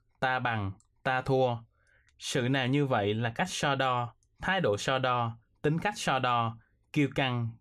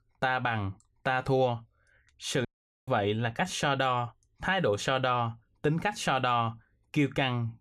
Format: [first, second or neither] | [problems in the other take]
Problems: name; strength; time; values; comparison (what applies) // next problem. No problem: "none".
first | audio cutting out; at 2.5 s